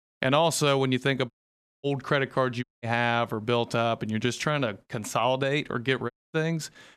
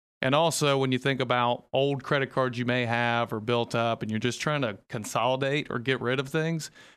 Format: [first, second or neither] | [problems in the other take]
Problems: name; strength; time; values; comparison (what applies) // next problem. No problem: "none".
second | audio cutting out; at 1.5 s for 0.5 s, at 2.5 s and at 6 s